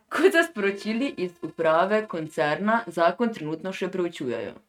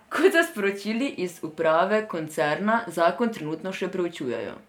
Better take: second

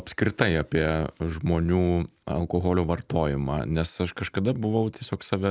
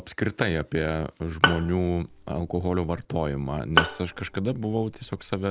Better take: first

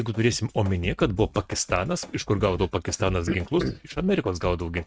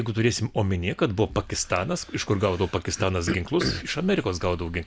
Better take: second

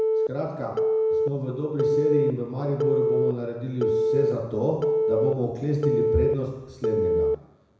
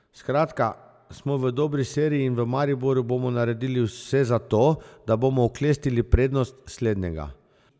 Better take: second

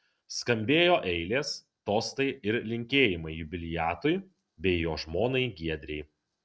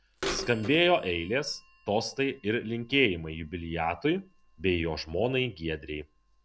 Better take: first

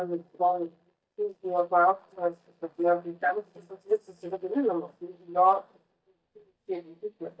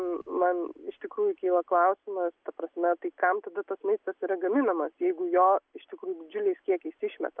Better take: second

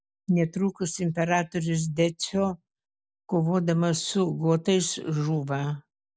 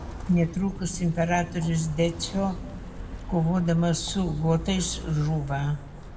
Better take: first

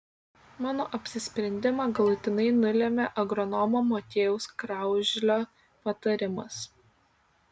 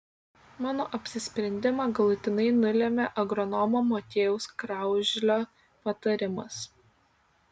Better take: second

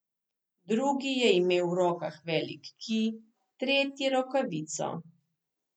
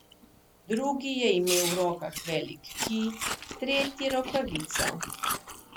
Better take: first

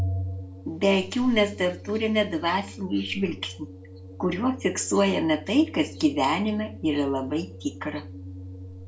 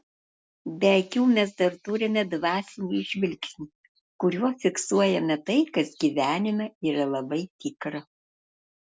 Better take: second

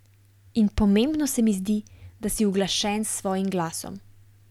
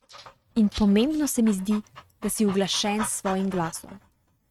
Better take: first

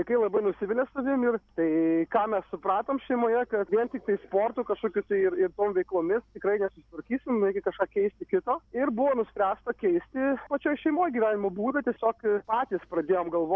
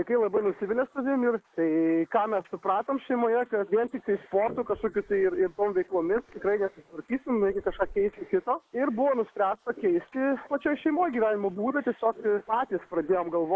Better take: first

